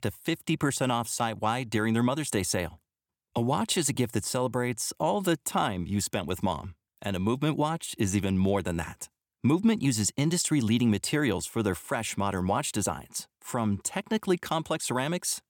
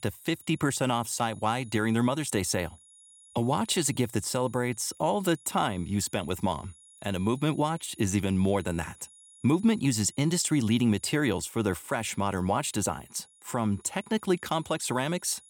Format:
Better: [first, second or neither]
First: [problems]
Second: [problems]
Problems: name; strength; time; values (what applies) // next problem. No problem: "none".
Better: first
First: none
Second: high-pitched whine; faint; throughout; 10.5 kHz, 25 dB below the speech